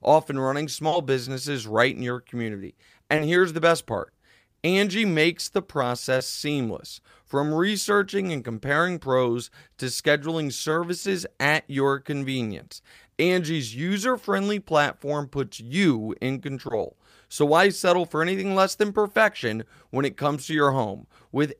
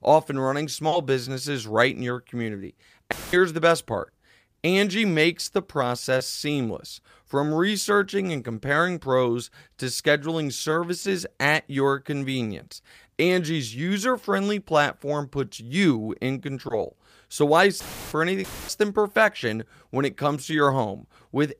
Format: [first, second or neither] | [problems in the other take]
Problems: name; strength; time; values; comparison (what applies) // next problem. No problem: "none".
first | audio cutting out; filled with static; at 3 s and at 18 s